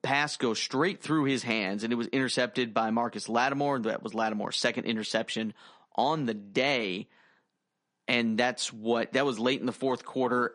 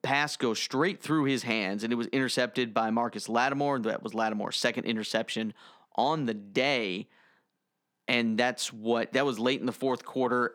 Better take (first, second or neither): second